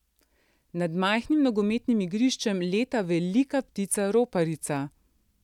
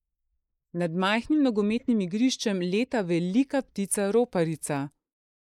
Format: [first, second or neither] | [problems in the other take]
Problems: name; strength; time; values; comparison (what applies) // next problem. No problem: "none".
first | noise reduction (neural mask model Resemble Enhance denoiser)